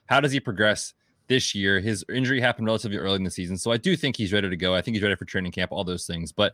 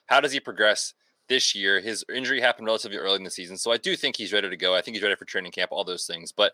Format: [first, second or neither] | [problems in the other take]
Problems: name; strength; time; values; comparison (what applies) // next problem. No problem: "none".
first | thin; somewhat; fading below 500 Hz